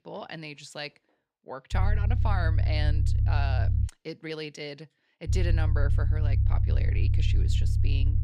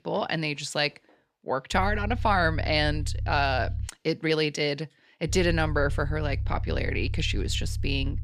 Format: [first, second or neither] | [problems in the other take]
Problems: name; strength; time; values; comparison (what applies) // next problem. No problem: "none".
second | low rumble; loud; from 1.5 to 4 s and from 5.5 s on; 5 dB below the speech; faint in the second